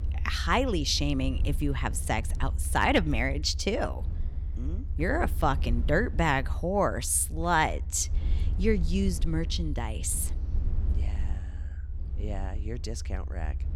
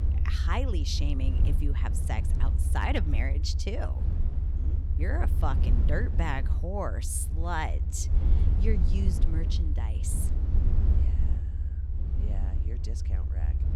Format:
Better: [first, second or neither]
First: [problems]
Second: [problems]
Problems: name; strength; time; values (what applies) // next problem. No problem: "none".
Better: first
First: low rumble; faint; throughout; 20 dB below the speech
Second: low rumble; loud; throughout; 9 dB below the speech